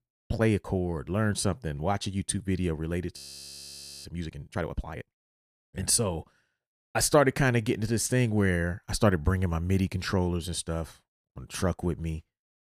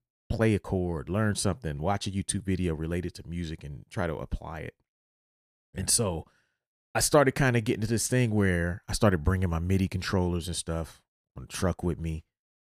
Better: second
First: audio freezing; at 3 s for 1 s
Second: none

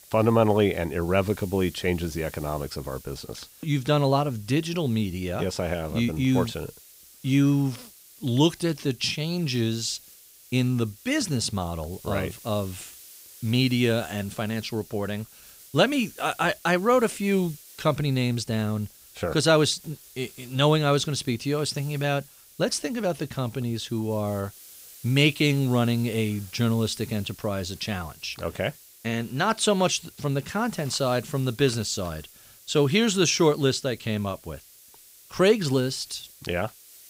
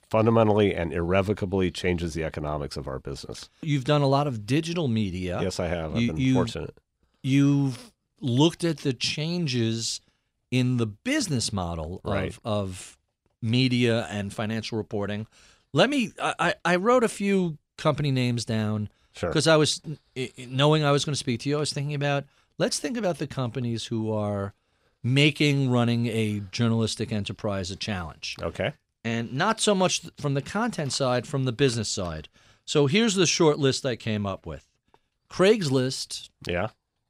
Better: second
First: hiss; faint; throughout; 20 dB below the speech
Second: none

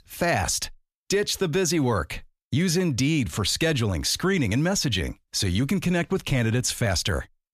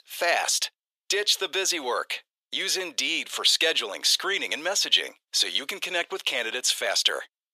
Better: first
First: none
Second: thin; very; fading below 450 Hz

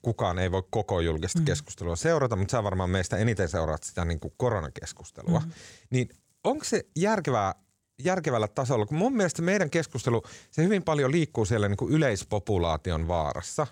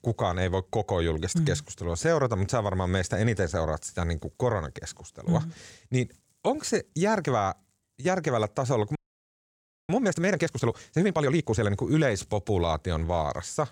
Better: first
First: none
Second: audio freezing; at 9 s for 1 s

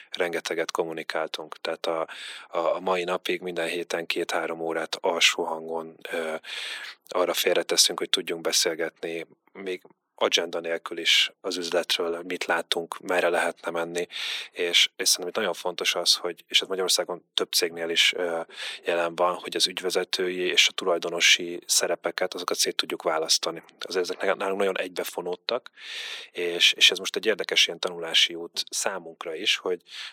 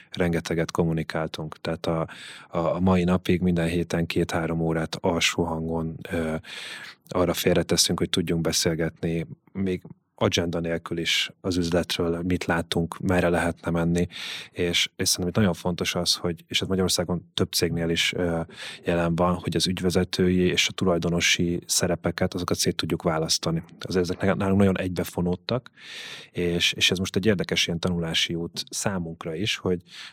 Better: second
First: thin; very; fading below 400 Hz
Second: none

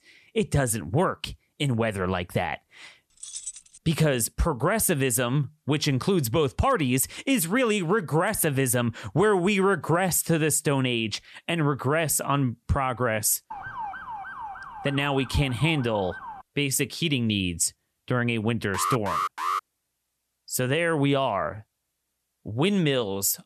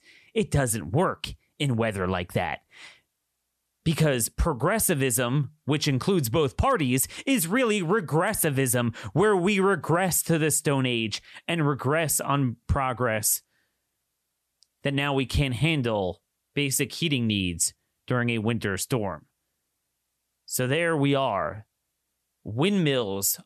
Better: second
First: jangling keys; faint; at 3 s; peak 10 dB below the speech // siren; noticeable; from 14 to 16 s; peak 10 dB below the speech // alarm; noticeable; at 19 s; peak 2 dB below the speech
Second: none

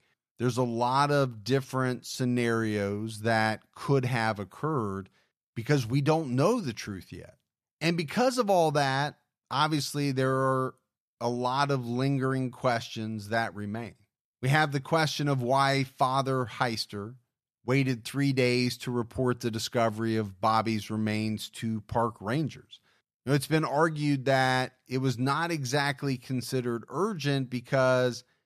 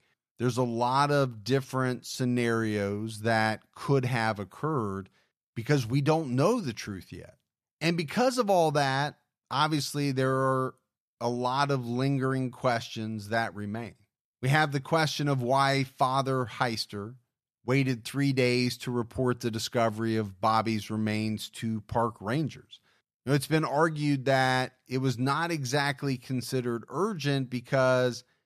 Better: neither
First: none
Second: none

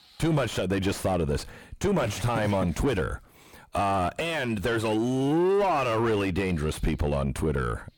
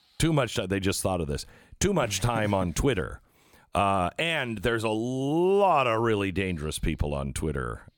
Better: second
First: distortion; heavy; 6 dB below the speech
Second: none

